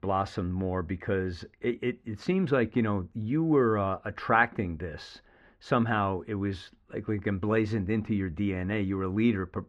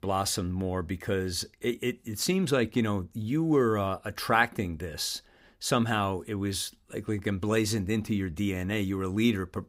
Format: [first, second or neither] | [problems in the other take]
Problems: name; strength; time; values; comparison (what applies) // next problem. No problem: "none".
second | muffled; very; fading above 2 kHz